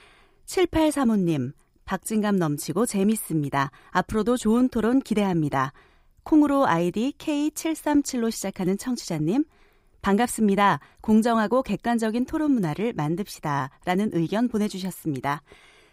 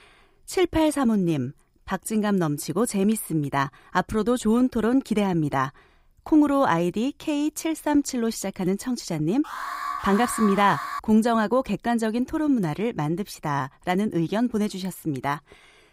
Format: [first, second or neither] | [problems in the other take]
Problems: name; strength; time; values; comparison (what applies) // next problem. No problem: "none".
first | alarm; noticeable; from 9.5 to 11 s; peak 6 dB below the speech